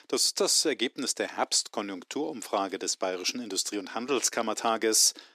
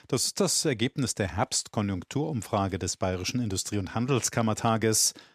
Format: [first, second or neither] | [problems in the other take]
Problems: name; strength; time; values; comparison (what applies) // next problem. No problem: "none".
second | thin; somewhat; fading below 300 Hz